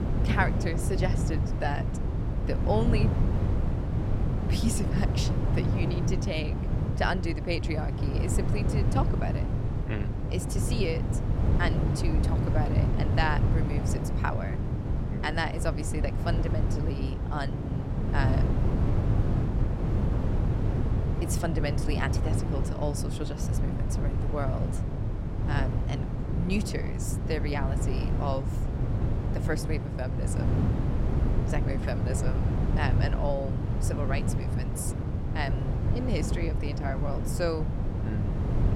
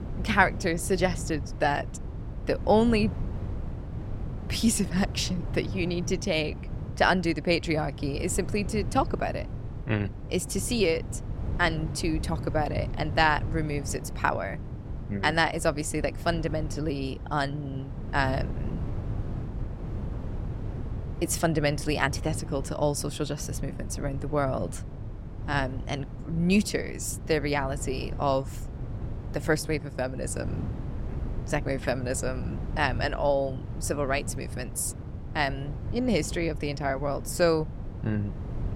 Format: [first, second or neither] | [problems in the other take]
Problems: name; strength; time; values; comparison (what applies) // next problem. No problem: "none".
second | wind noise on the microphone; heavy; 3 dB below the speech; occasional gusts in the second